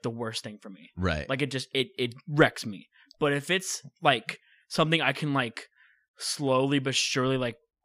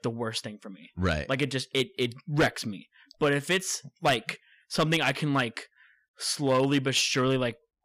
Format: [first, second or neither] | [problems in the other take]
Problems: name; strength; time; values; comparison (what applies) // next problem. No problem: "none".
first | distortion; slight; 2% of the sound clipped